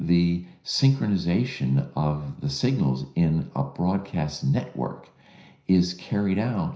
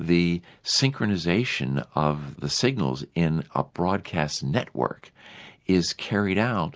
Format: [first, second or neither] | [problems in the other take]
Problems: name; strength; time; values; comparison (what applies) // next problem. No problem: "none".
second | room echo; dies away in 0.5 s